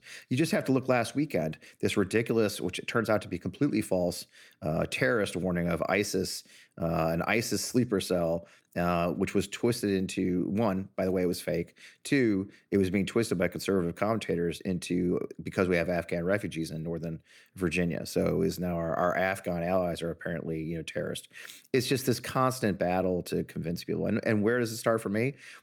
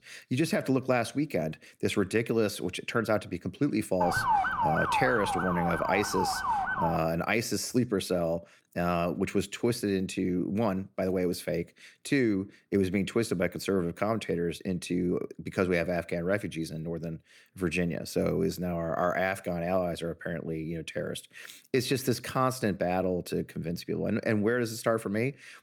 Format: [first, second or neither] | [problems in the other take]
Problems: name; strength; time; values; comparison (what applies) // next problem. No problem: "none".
first | siren; loud; from 4 to 7 s; peak 4 dB above the speech